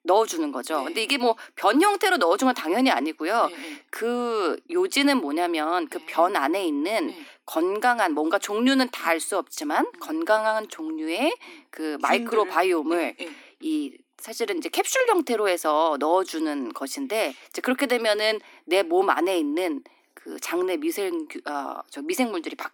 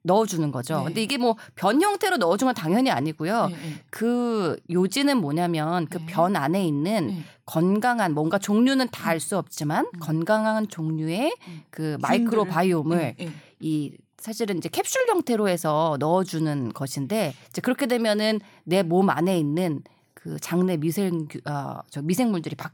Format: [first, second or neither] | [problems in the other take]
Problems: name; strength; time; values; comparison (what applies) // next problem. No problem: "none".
second | thin; very slightly; fading below 250 Hz